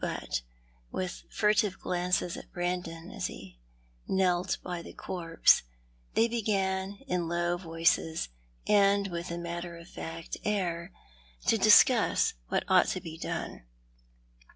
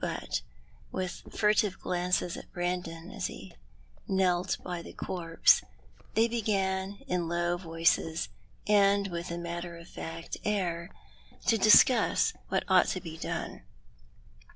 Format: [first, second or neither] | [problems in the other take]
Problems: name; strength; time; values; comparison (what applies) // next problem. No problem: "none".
first | background sound (Liquid); 15 dB below the speech